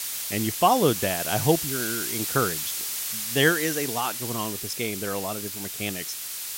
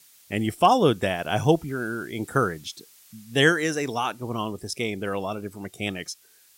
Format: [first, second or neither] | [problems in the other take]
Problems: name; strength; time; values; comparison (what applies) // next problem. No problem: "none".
second | hiss; loud; throughout; 2 dB below the speech; faint in the second